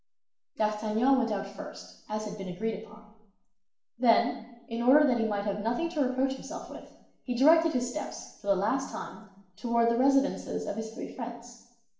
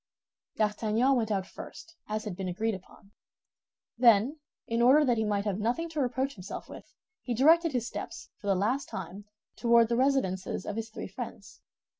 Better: second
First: room echo; dies away in 0.7 s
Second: none

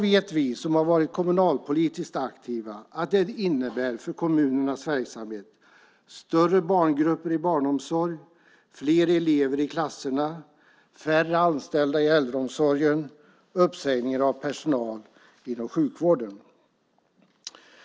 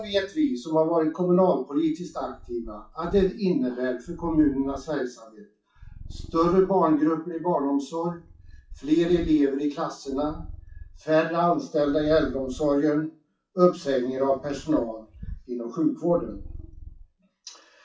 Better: first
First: none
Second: noise reduction (classical method WPE with log-MMSE)

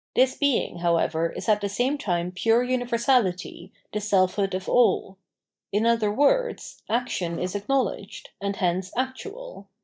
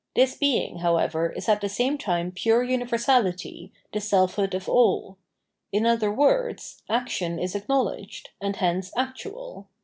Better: second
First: noise reduction (neural mask model DeepFilterNet 3)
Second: none

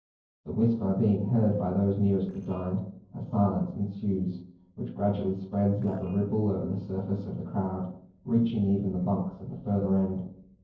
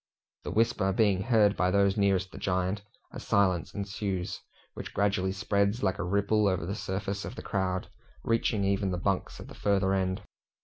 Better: second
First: noise reduction (neural separator model SepFormer DNS4)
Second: none

